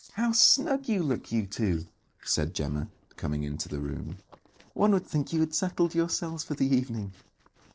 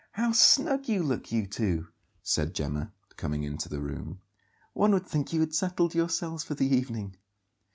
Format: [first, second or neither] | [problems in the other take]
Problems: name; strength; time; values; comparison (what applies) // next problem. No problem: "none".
second | noise reduction (neural separator model SepFormer DNS4)